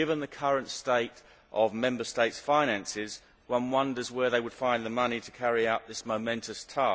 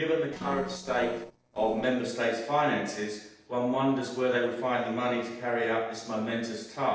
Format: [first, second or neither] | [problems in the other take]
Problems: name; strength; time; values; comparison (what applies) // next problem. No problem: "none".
first | noise reduction (neural separator model SepFormer DNS4)